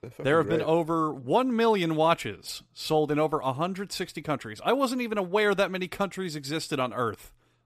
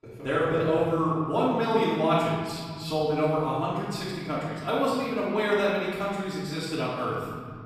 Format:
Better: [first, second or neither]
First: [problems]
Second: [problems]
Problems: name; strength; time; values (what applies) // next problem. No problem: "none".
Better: first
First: none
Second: off-mic speech; far // room echo; strong; dies away in 2.3 s